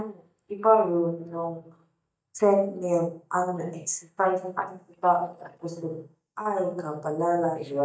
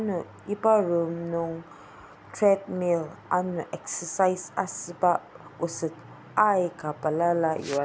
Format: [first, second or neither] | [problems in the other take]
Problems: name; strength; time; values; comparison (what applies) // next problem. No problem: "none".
second | noise reduction (neural mask model DeepFilterNet 3)